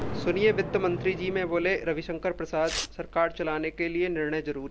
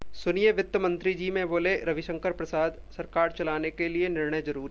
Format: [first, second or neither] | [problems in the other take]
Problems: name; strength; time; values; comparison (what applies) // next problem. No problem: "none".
second | background sound (Thunder + Tearing); 11 dB below the speech